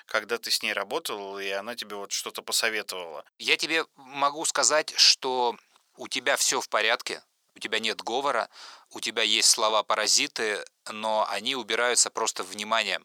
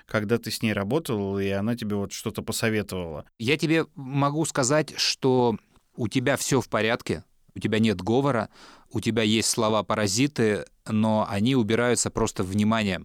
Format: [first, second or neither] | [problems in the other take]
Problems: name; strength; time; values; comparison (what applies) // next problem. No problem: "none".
second | thin; very; fading below 750 Hz